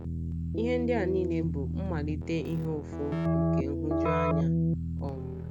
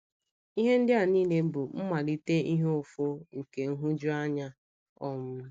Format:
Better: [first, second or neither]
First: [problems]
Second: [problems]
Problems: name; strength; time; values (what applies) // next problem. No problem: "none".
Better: second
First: background sound (Keyboard (musical)); 3 dB above the speech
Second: none